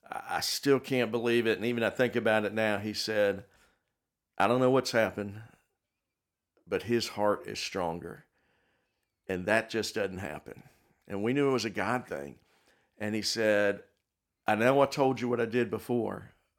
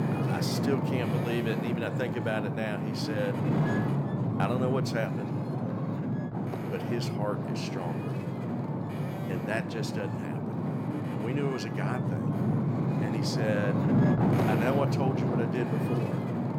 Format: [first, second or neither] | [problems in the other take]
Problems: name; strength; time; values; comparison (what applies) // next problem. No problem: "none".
first | wind noise on the microphone; heavy; as loud as the speech